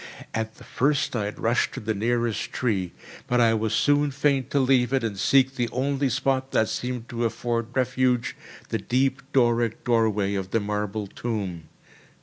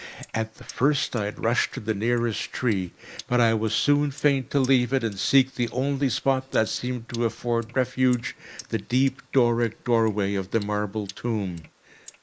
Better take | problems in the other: first | noise reduction (neural mask model Resemble Enhance denoiser)

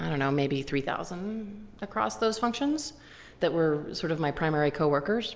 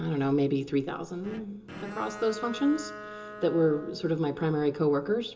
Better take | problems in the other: first | background sound (Bowed string instrument); 14 dB below the speech // room echo; dies away in 0.2 s

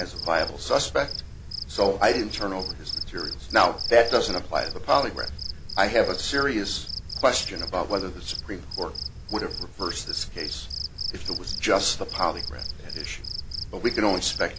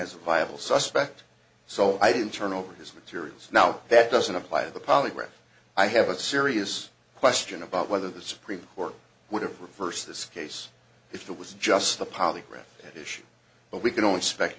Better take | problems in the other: second | background sound (Cricket); 7 dB below the speech

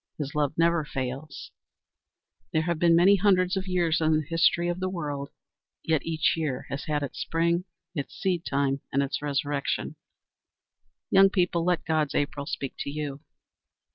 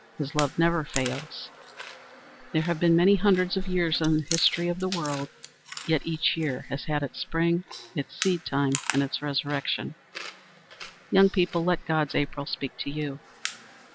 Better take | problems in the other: first | background sound (Chewing, mastication); 13 dB below the speech

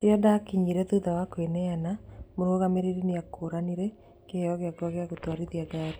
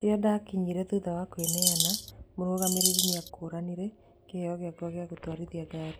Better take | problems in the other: first | background sound (Bird vocalization, bird call, bird song); 4 dB above the speech

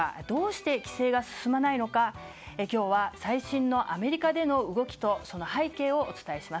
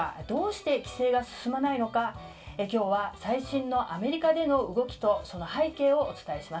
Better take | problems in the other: first | room echo; dies away in 0.2 s

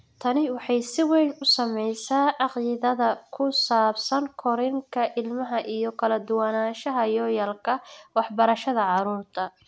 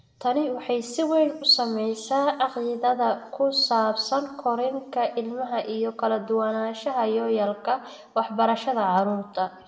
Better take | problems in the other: first | room echo; dies away in 1.2 s

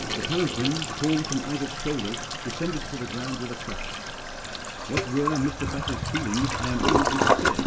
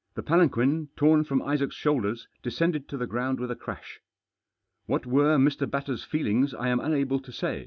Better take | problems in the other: second | background sound (Toilet flush); 1 dB above the speech // room echo; dies away in 1.9 s

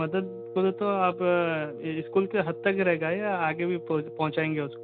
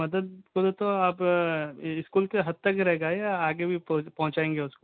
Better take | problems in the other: second | background sound (Wind instrument, woodwind instrument); 12 dB below the speech

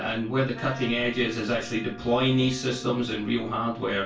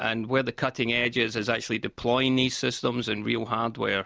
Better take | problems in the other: second | background sound (Wind instrument, woodwind instrument); 18 dB below the speech // room echo; dies away in 0.3 s

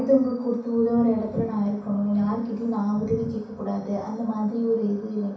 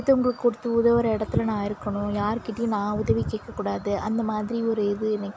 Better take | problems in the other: second | room echo; dies away in 0.6 s

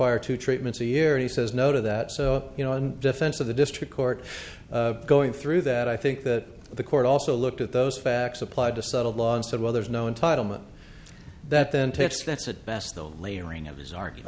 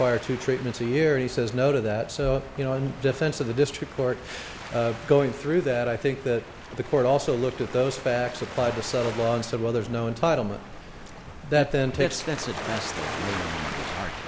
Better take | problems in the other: first | background sound (Waves, surf); 12 dB below the speech

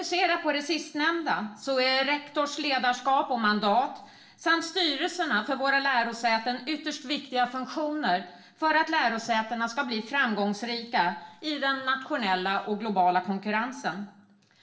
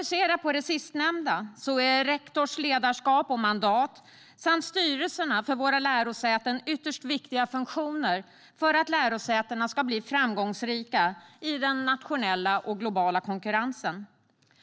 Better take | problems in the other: second | room echo; dies away in 0.6 s

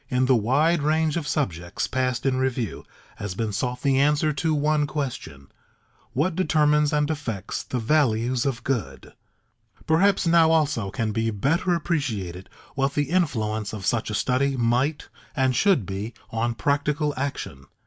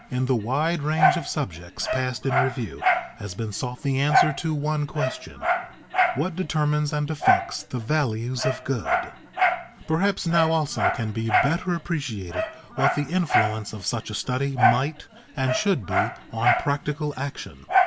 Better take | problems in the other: first | background sound (Dog); 1 dB below the speech

